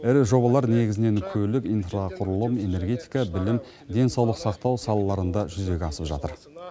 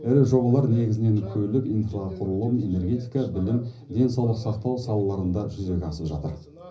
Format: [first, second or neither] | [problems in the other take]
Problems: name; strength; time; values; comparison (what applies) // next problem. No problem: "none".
first | room echo; dies away in 0.5 s